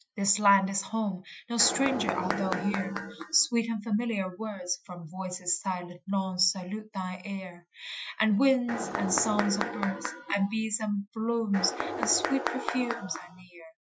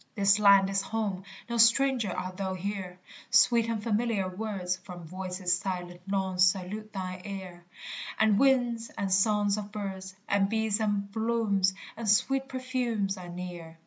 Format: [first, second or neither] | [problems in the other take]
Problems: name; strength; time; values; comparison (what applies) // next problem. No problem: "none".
second | noise reduction (classical method Wiener filter)